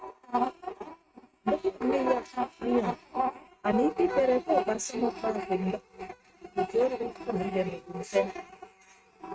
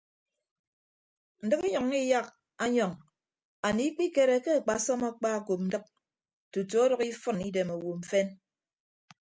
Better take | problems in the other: second | noise reduction (neural mask model RNNoise)

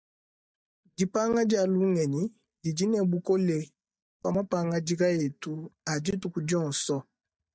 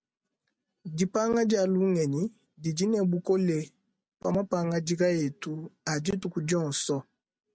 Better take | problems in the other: second | noise reduction (neural mask model DeepFilterNet 3)

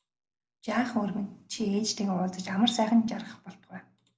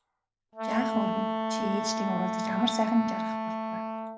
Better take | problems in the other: first | background sound (Wind instrument, woodwind instrument); 1 dB above the speech

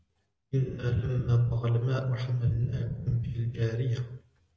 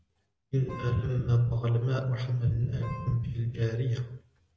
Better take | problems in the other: first | background sound (Wind instrument, woodwind instrument); 17 dB below the speech

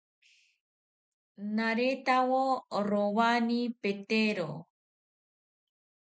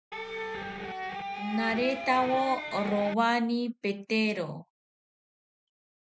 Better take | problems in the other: first | background sound (Electric guitar); 6 dB below the speech

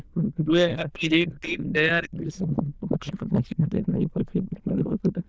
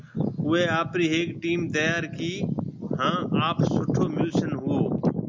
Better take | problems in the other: second | noise reduction (neural diffusion model UNIVERSE++)

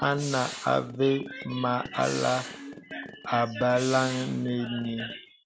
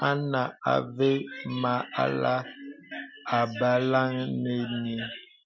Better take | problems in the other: second | background sound (Gunshot, gunfire); 14 dB below the speech

